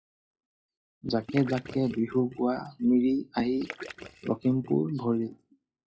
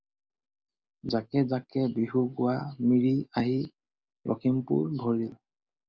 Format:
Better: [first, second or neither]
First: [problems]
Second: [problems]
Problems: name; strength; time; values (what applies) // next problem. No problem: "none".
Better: second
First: noise reduction (classical method log-MMSE)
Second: none